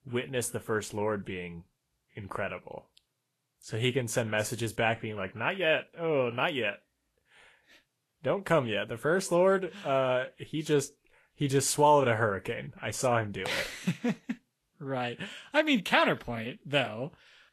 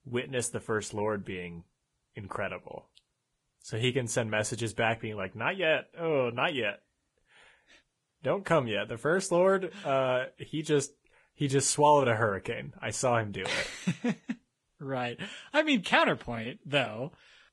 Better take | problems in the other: first | garbled, watery; badly; nothing above 10.5 kHz; slightly in the first

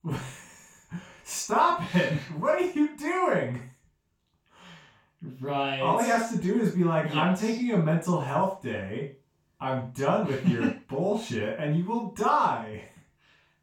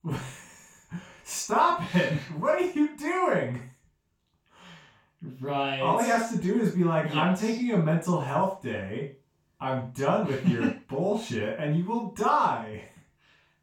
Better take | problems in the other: neither | room echo; noticeable; dies away in 0.3 s; the same in both // off-mic speech; far; the same in both

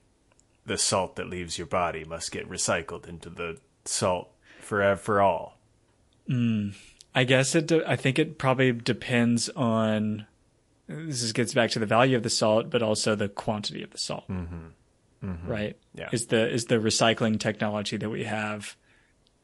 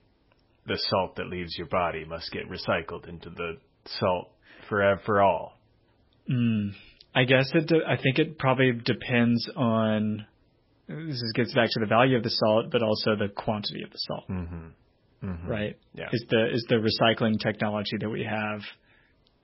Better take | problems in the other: first | garbled, watery; badly; nothing above 5.5 kHz; slightly in the first

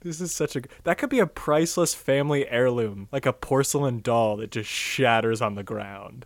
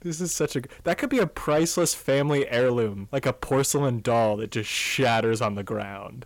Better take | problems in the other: first | distortion; slight; 10 dB below the speech

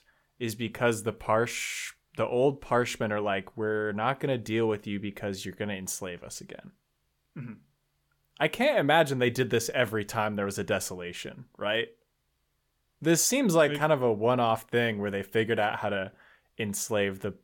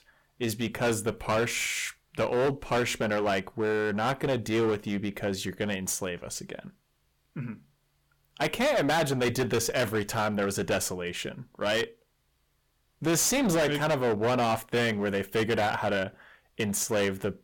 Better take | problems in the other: first | distortion; heavy; 13% of the sound clipped

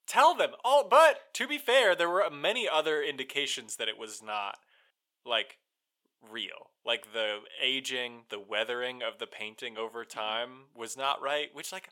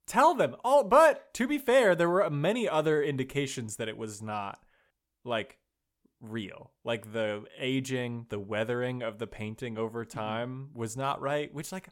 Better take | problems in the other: second | thin; somewhat; fading below 550 Hz

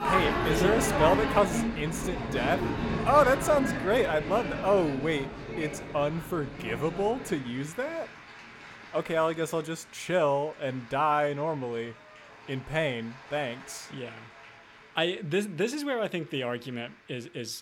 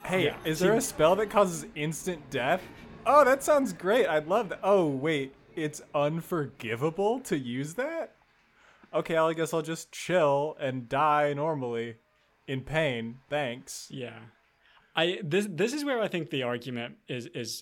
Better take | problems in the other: second | crowd noise; loud; throughout; 3 dB below the speech; faint in the second

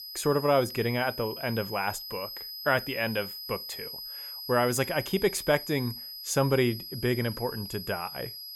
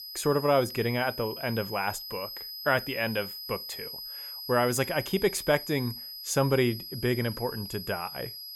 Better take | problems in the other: neither | high-pitched whine; loud; throughout; 5 kHz, 9 dB below the speech; the same in both

